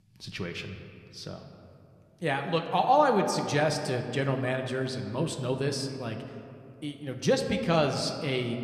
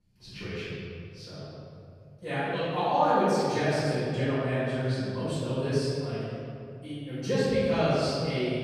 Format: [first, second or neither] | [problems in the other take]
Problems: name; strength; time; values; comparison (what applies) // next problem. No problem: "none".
first | room echo; strong; dies away in 2.4 s; slight in the first // off-mic speech; far